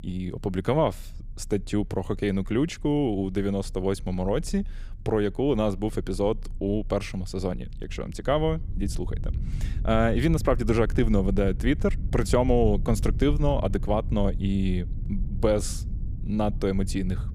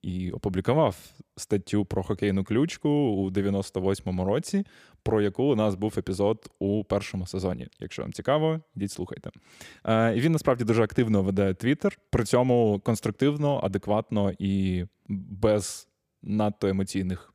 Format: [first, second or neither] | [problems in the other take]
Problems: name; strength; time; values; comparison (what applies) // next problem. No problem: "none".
second | low rumble; faint; throughout; 20 dB below the speech